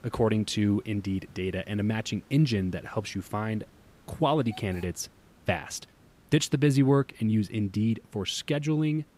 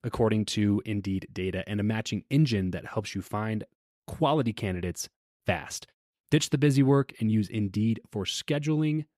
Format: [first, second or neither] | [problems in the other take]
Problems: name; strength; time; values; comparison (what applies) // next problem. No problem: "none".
second | hiss; faint; throughout; 30 dB below the speech